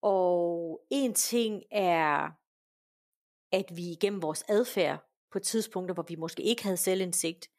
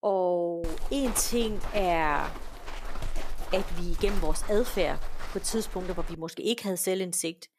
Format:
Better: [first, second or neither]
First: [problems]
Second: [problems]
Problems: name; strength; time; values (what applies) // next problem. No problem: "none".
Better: first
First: none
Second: footsteps; noticeable; from 0.5 to 6 s; peak 7 dB below the speech